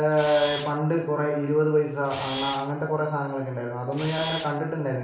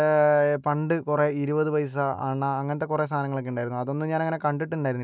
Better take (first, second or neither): second